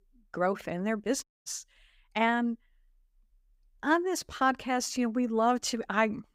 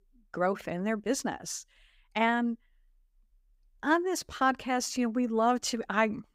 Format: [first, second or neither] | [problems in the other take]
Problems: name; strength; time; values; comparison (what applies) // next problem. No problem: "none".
second | audio cutting out; at 1 s